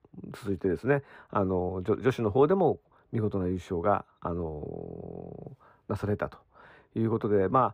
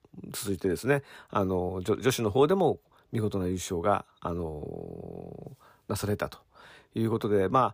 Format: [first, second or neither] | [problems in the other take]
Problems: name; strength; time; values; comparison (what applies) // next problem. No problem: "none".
second | muffled; very; fading above 3 kHz